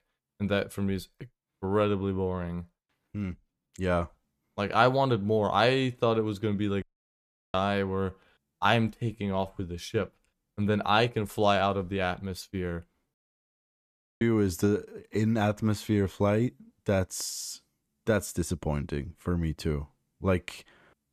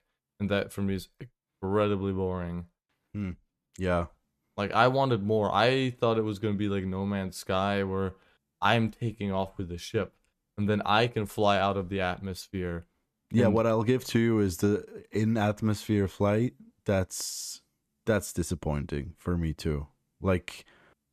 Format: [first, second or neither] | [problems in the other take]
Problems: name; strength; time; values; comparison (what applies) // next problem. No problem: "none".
second | audio cutting out; at 7 s for 0.5 s and at 13 s for 1 s